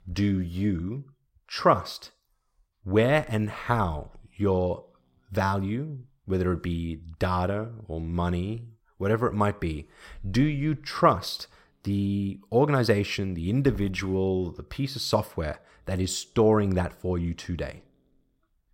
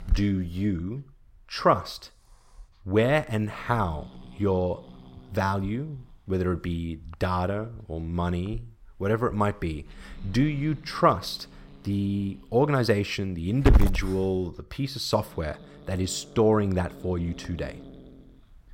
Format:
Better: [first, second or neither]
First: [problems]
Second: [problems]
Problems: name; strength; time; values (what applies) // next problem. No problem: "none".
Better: first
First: hiss; faint; throughout; 25 dB below the speech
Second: hiss; loud; throughout; 7 dB below the speech